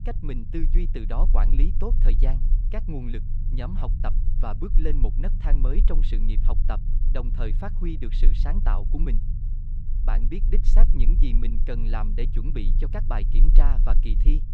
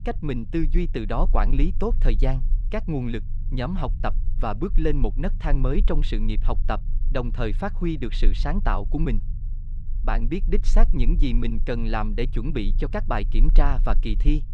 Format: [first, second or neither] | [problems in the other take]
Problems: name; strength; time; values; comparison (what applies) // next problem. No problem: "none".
second | low rumble; loud; throughout; 10 dB below the speech; faint in the second